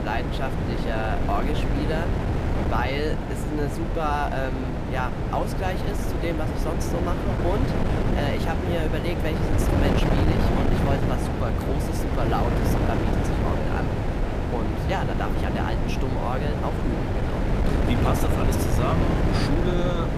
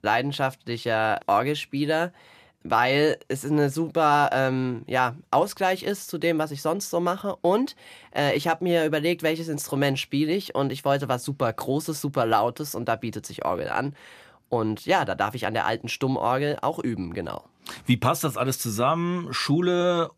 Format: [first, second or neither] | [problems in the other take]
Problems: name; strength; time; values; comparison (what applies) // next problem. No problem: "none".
second | wind noise on the microphone; heavy; as loud as the speech